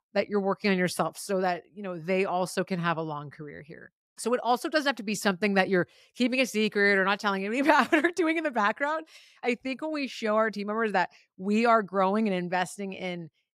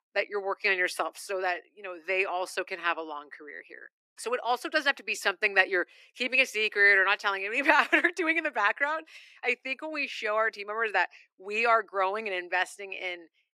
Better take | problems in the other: first | thin; very; fading below 300 Hz

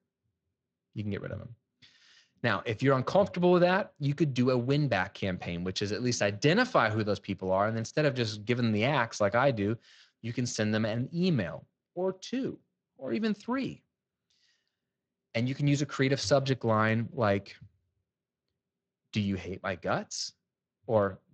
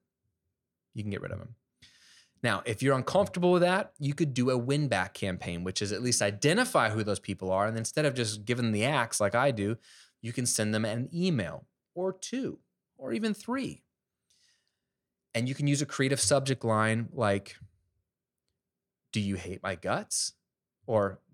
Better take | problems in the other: second | garbled, watery; slightly

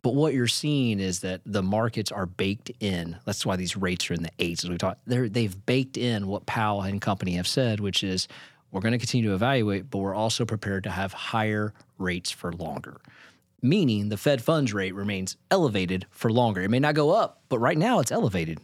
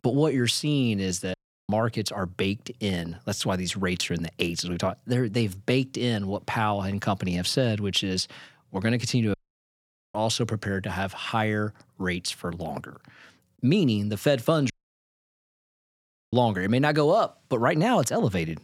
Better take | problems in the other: first | audio cutting out; at 1.5 s, at 9.5 s for 1 s and at 15 s for 1.5 s

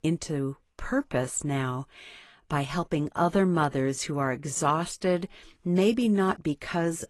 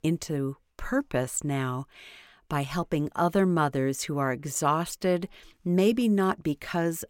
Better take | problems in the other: second | garbled, watery; slightly

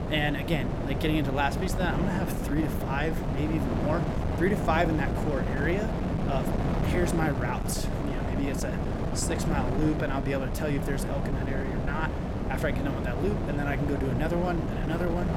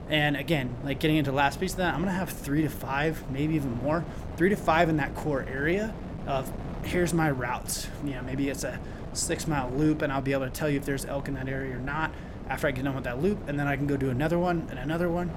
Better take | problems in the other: second | wind noise on the microphone; heavy; 3 dB below the speech; occasional gusts in the second

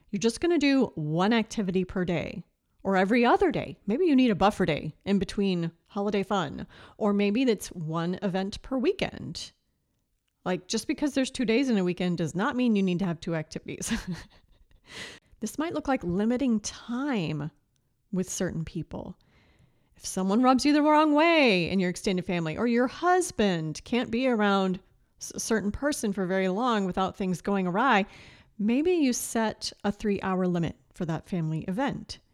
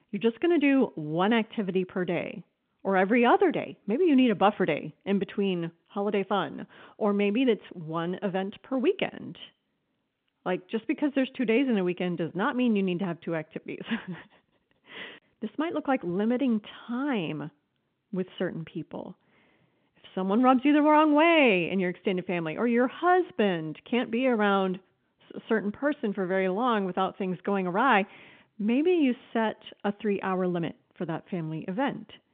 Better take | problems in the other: first | phone-call audio

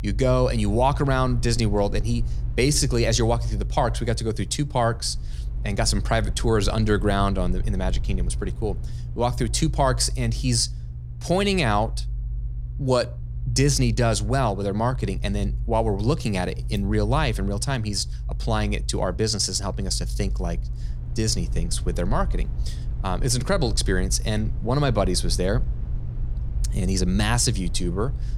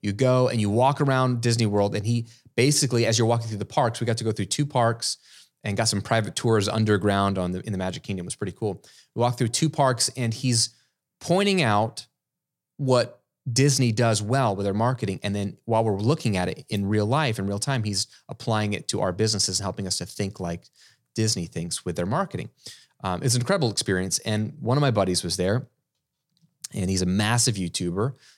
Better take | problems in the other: second | low rumble; faint; throughout; 20 dB below the speech

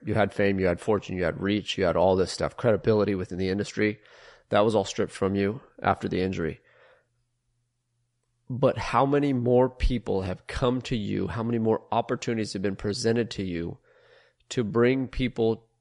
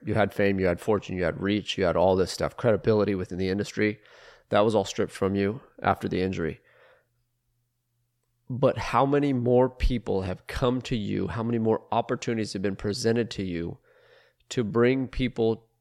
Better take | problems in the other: second | garbled, watery; slightly; nothing above 10.5 kHz

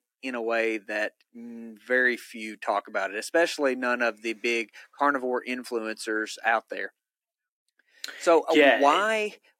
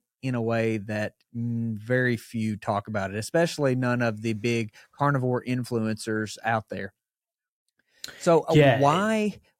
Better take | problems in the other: second | thin; somewhat; fading below 300 Hz

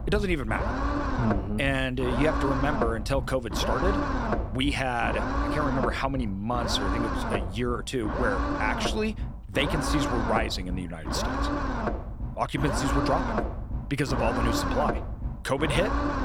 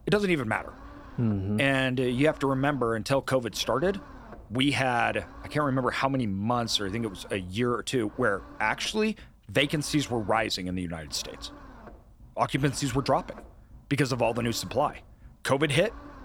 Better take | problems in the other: second | low rumble; loud; throughout; 1 dB below the speech; faint in the second

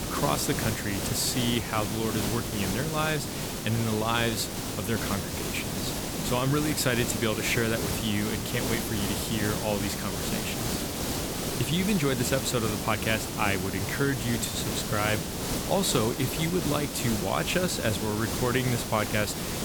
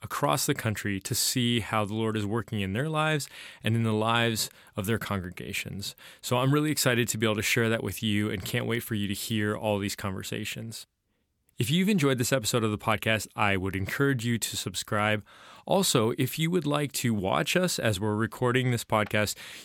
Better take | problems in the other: second | hiss; loud; throughout; 2 dB below the speech

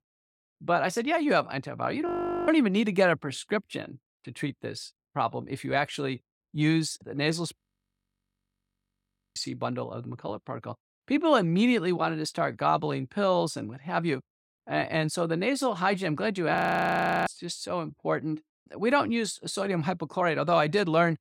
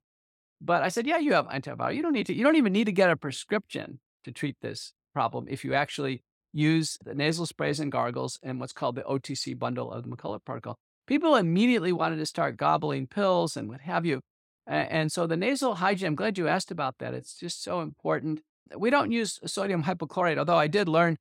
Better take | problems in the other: second | audio freezing; at 2 s, at 7.5 s for 2 s and at 17 s for 0.5 s

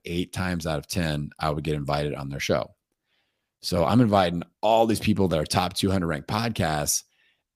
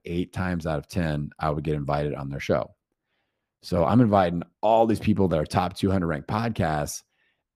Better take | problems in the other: first | muffled; slightly; fading above 2.5 kHz

